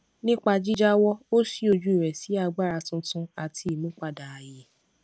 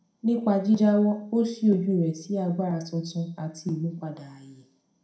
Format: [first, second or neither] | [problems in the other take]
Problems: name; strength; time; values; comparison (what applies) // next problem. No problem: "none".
first | room echo; dies away in 0.5 s